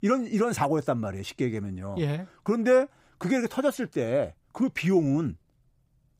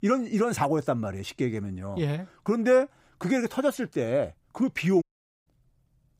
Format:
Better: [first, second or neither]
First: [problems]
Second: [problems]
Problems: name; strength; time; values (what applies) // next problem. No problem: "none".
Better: first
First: none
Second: audio cutting out; at 5 s